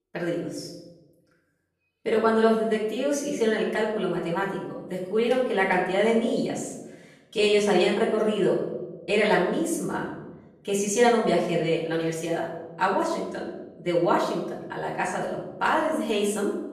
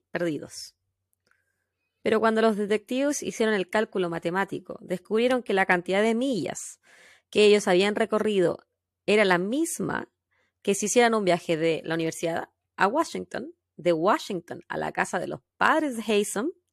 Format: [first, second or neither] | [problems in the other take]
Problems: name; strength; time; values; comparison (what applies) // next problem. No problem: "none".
second | off-mic speech; far // room echo; noticeable; dies away in 0.9 s